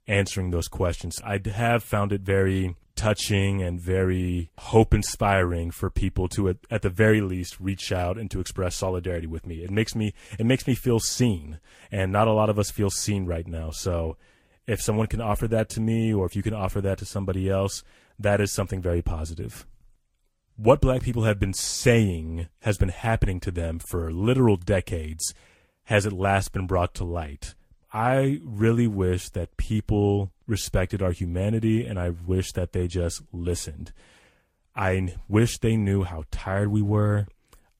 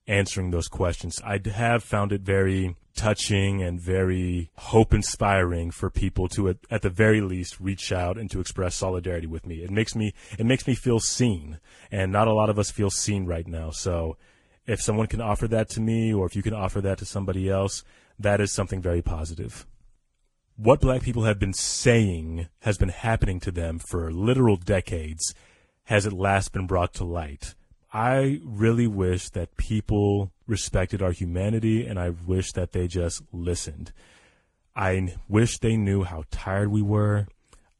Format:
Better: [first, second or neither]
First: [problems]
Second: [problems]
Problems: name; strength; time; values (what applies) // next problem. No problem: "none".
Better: first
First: garbled, watery; slightly; nothing above 15 kHz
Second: garbled, watery; badly; nothing above 10.5 kHz